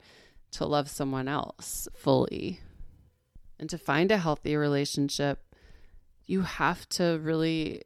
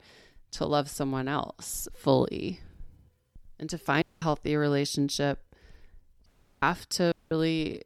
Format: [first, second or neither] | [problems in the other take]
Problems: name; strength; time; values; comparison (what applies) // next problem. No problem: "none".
first | audio cutting out; at 4 s, at 6.5 s and at 7 s